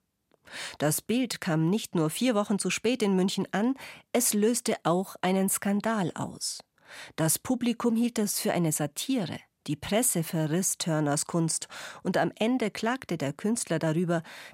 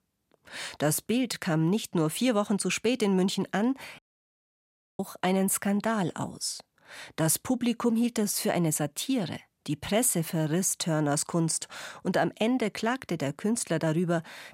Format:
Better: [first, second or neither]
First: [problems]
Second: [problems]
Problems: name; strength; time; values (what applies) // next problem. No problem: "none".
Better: first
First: none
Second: audio cutting out; at 4 s for 1 s